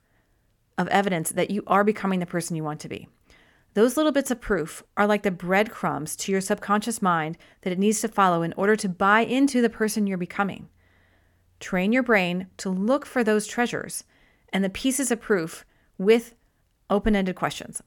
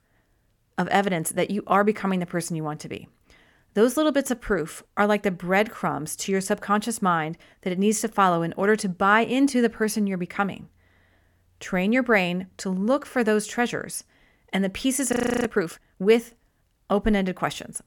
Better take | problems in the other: first | audio freezing; at 15 s

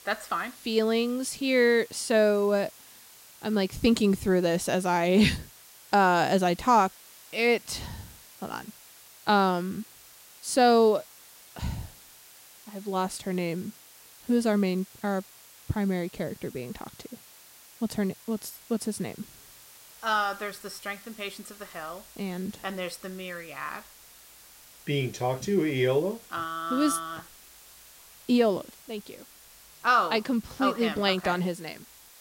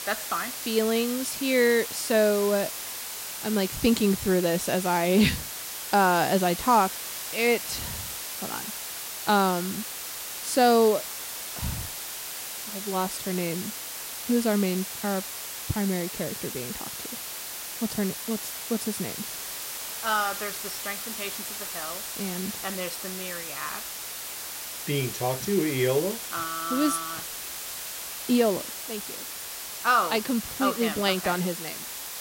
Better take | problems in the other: first | hiss; loud; throughout; 6 dB below the speech; faint in the first

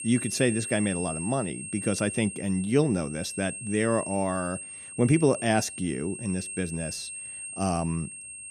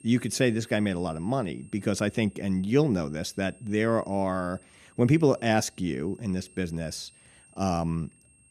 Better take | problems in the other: second | high-pitched whine; loud; throughout; 8.5 kHz, 8 dB below the speech; faint in the second

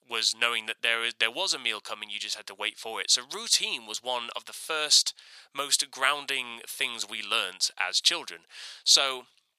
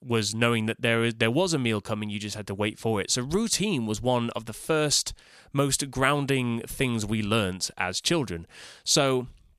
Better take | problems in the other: second | thin; very; fading below 850 Hz

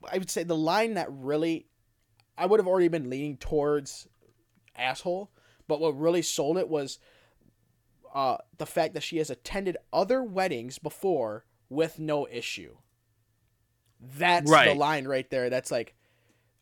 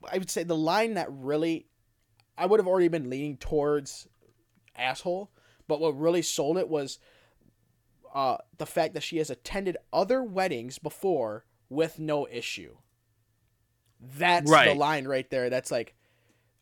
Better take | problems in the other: neither | none

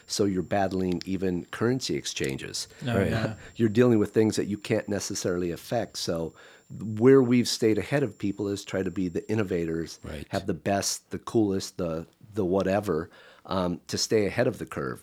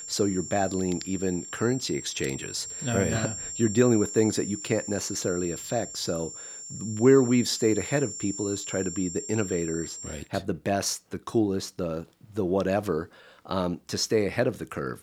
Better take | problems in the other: first | high-pitched whine; loud; until 10 s; 7.5 kHz, 8 dB below the speech; faint in the first

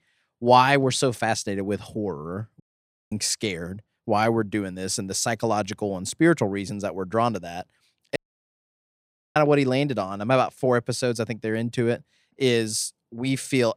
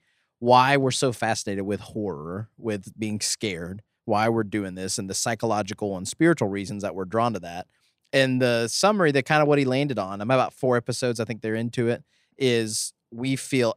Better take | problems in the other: second | audio cutting out; at 2.5 s for 0.5 s and at 8 s for 1 s

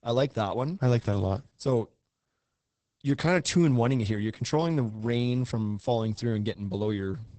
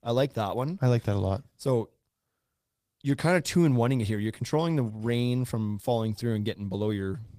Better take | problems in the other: second | garbled, watery; badly; nothing above 8 kHz; slightly in the second

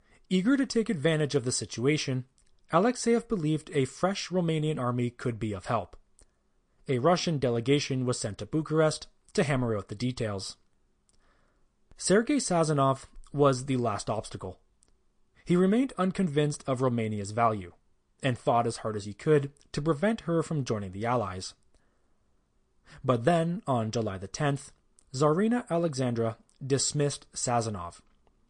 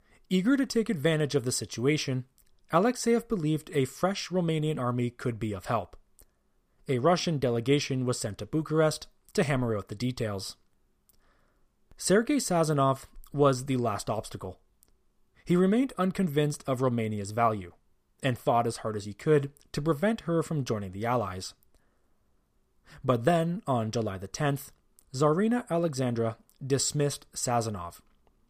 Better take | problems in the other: second | garbled, watery; slightly; nothing above 9 kHz

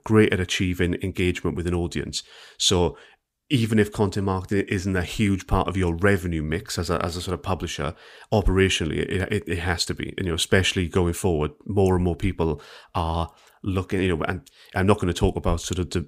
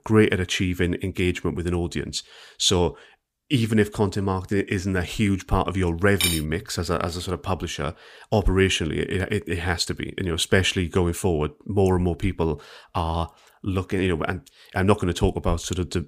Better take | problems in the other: first | clattering dishes; loud; at 6 s; peak 1 dB above the speech

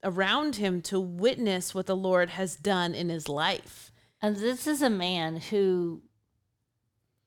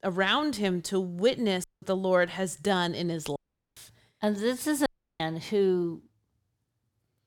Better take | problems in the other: first | audio cutting out; at 1.5 s, at 3.5 s and at 5 s

